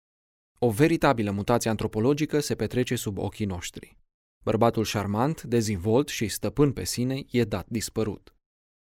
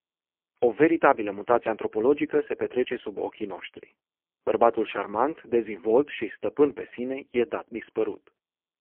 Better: first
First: none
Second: phone-call audio; poor line; nothing above 3 kHz

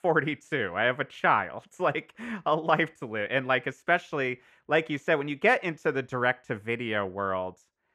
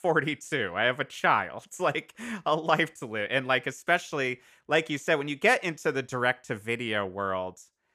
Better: second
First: muffled; slightly; fading above 4 kHz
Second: none

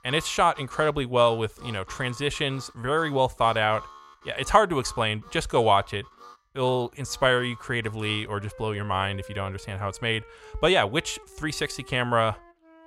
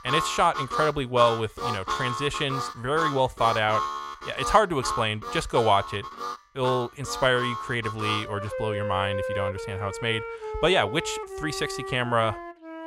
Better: first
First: background music; faint; throughout; 20 dB below the speech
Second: background music; loud; throughout; 6 dB below the speech

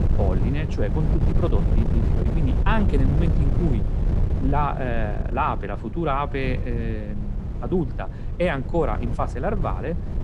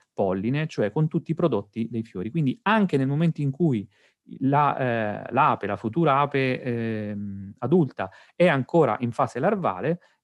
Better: second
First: wind noise on the microphone; heavy; 9 dB below the speech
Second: none

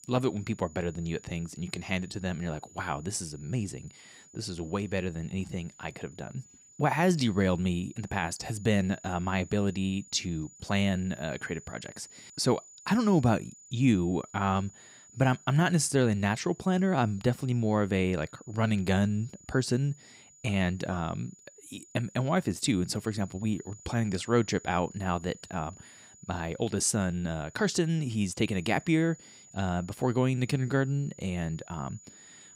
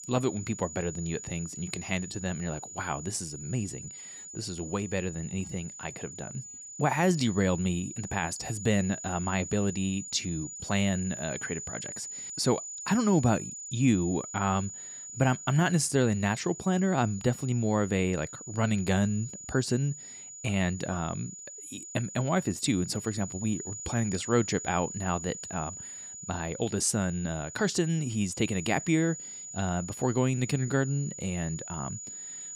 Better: first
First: high-pitched whine; faint; throughout; 7 kHz, 20 dB below the speech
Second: high-pitched whine; loud; throughout; 7 kHz, 10 dB below the speech

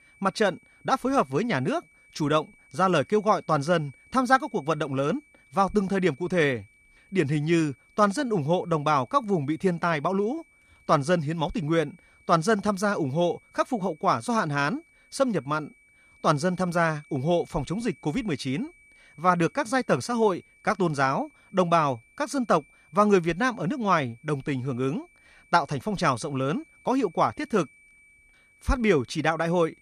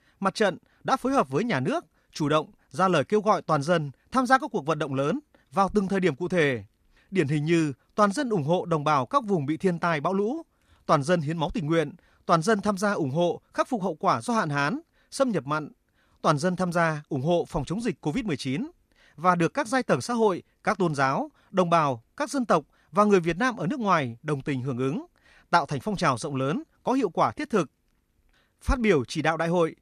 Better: second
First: high-pitched whine; faint; throughout; 2.5 kHz, 30 dB below the speech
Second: none

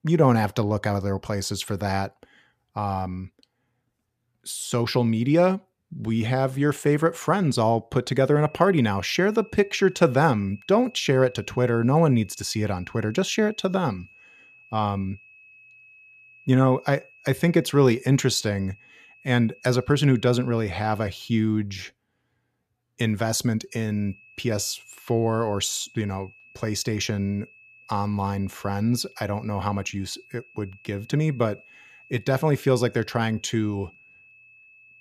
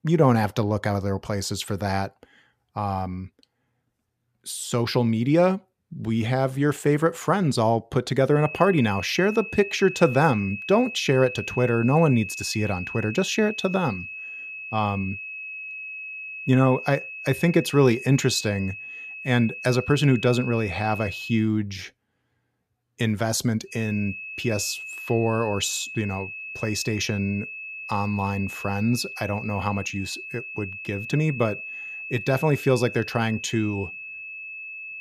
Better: first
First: high-pitched whine; faint; from 8.5 to 21 s and from 24 s on; 2.5 kHz, 25 dB below the speech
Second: high-pitched whine; loud; from 8.5 to 21 s and from 24 s on; 2.5 kHz, 10 dB below the speech

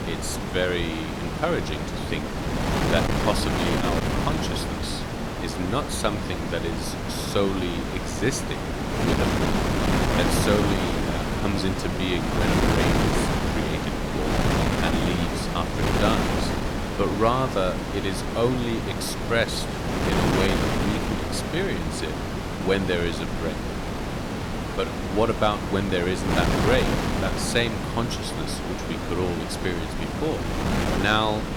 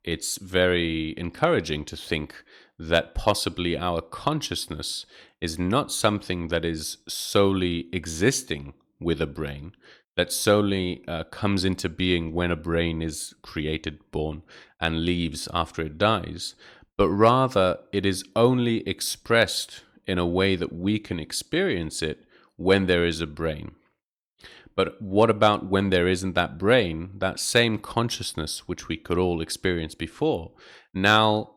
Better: second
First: wind noise on the microphone; heavy; as loud as the speech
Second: none

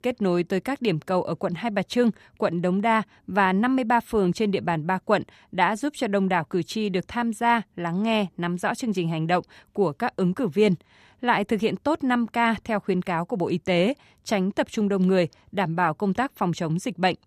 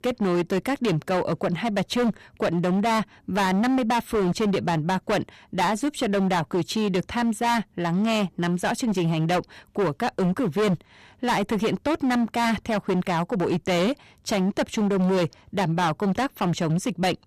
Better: first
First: none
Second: distortion; heavy; 20% of the sound clipped

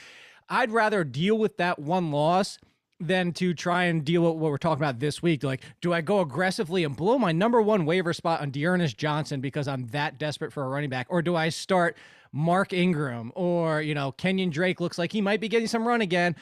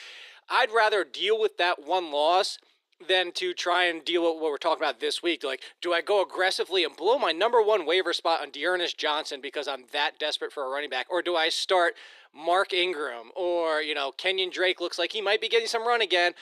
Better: first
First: none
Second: thin; very; fading below 350 Hz

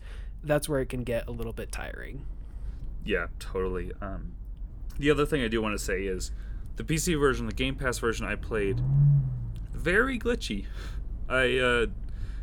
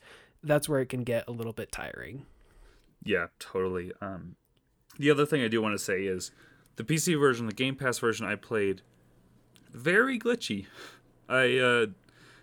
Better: second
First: low rumble; noticeable; throughout; 15 dB below the speech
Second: none

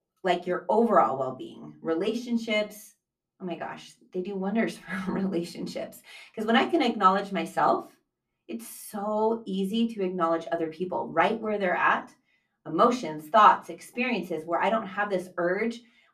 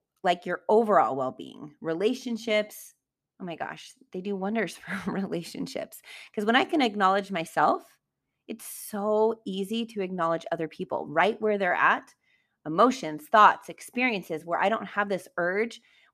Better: second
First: off-mic speech; far // room echo; very slight; dies away in 0.2 s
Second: none

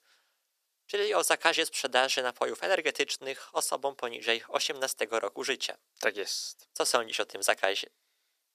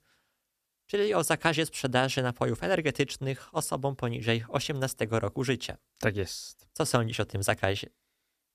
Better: second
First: thin; very; fading below 450 Hz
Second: none

